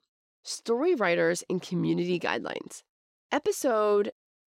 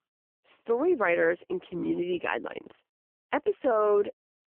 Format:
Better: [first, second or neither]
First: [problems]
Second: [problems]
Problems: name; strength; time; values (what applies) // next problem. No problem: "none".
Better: first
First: none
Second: phone-call audio; poor line